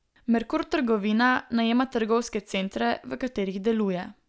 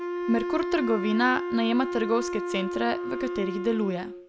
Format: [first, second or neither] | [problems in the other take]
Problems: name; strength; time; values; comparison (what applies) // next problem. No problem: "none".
first | background sound (Wind instrument, woodwind instrument); 4 dB below the speech